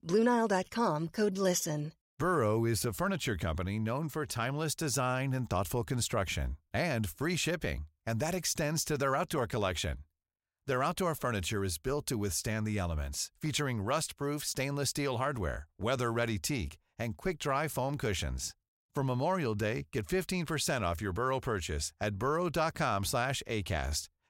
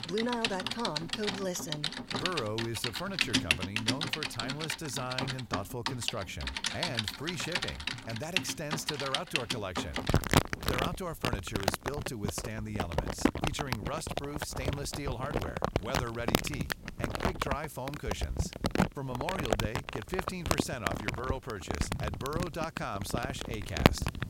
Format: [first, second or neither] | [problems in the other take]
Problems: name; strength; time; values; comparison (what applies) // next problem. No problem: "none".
first | household noises; very loud; throughout; 4 dB above the speech